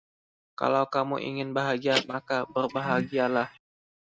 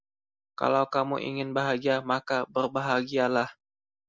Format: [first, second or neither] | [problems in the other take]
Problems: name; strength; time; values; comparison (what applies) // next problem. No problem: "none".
second | noise reduction (neural mask model RNNoise)